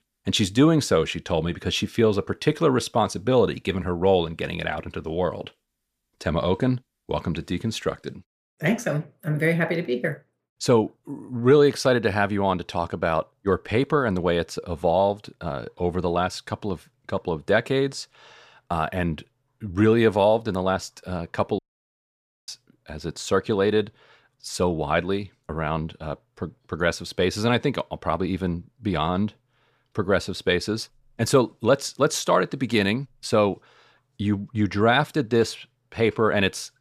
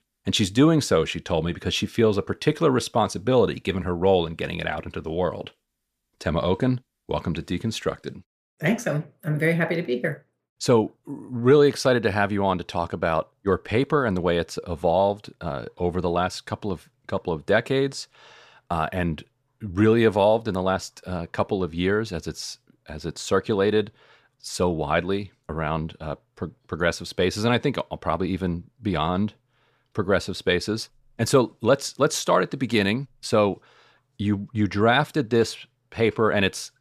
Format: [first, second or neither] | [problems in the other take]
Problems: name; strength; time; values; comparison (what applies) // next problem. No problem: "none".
second | audio cutting out; at 22 s for 1 s